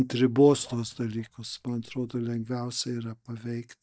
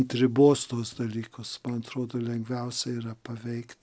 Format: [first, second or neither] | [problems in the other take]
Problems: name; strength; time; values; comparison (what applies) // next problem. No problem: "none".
second | noise reduction (neural mask model DeepFilterNet 3)